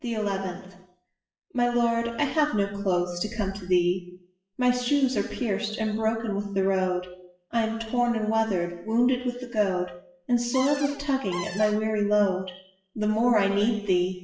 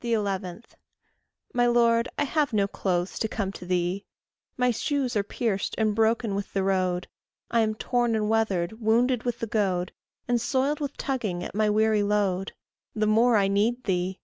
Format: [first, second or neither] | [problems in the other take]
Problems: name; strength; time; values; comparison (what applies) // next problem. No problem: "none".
second | noise reduction (classical method WPE with log-MMSE)